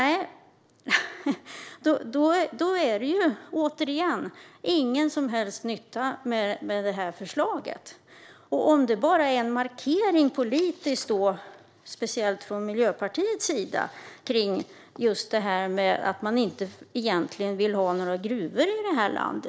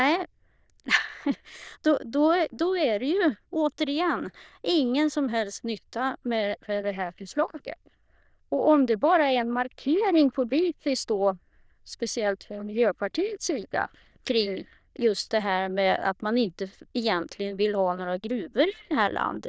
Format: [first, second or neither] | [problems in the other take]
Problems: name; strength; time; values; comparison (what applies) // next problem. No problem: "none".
first | noise reduction (neural diffusion model UNIVERSE++)